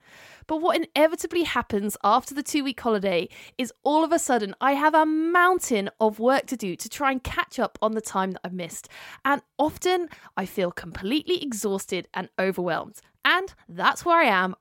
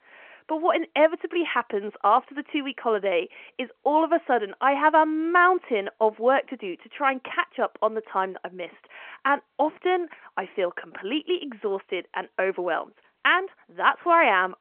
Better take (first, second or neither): first